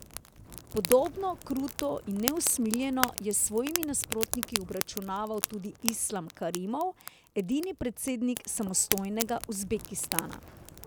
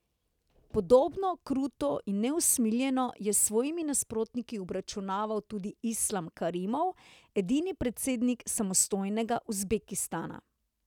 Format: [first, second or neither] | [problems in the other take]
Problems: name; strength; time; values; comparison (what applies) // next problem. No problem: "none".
second | background sound (Fire); 6 dB below the speech